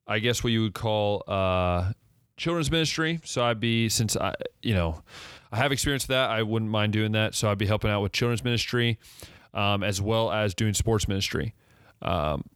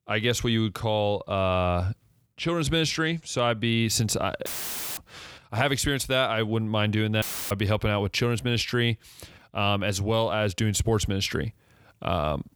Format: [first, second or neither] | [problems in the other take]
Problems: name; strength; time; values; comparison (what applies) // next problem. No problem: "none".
first | audio cutting out; filled with static; at 4.5 s for 0.5 s and at 7 s